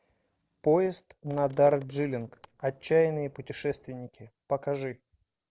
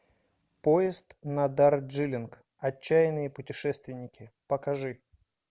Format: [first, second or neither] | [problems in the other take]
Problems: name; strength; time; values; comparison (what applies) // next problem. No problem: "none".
second | noise reduction (neural separator model SepFormer DNS4)